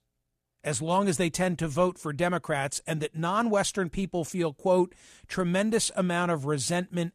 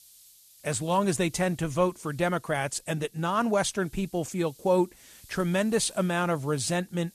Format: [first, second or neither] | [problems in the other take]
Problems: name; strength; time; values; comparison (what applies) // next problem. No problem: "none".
first | hiss; faint; throughout; 25 dB below the speech